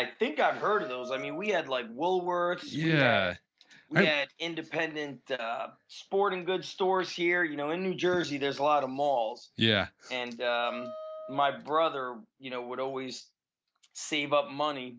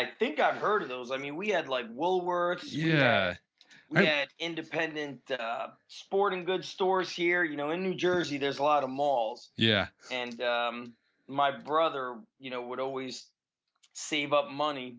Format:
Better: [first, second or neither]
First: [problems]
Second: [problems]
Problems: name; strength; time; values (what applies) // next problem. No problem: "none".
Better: second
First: background sound (Wind instrument, woodwind instrument); 12 dB below the speech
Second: none